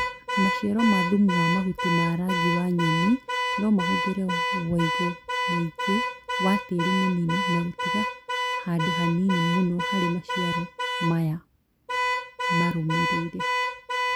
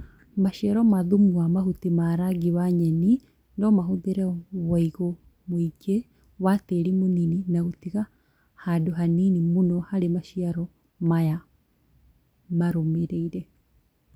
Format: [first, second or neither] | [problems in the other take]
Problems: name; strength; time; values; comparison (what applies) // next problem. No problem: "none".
second | background sound (Alarm / Car); 2 dB below the speech